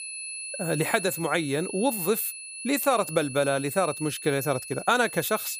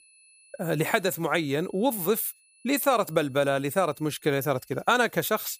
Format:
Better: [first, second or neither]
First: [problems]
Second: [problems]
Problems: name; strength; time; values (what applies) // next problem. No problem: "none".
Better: second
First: high-pitched whine; loud; throughout; 10.5 kHz, 9 dB below the speech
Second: high-pitched whine; faint; throughout; 10.5 kHz, 30 dB below the speech